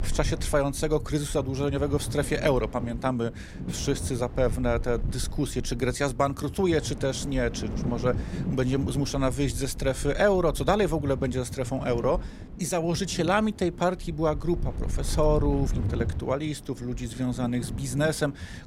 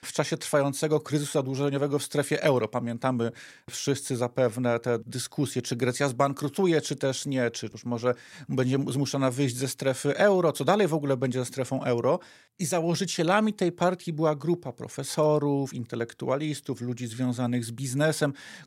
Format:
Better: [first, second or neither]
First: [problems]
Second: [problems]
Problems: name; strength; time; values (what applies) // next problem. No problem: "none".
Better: second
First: wind noise on the microphone; occasional gusts; 15 dB below the speech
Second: none